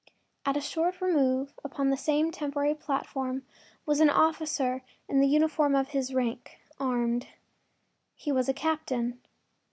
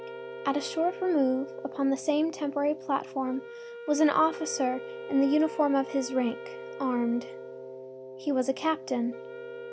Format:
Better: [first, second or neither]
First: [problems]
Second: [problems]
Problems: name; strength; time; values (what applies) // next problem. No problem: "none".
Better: first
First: none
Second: background sound (Wind instrument, woodwind instrument + Wind instrument, woodwind instrument); 12 dB below the speech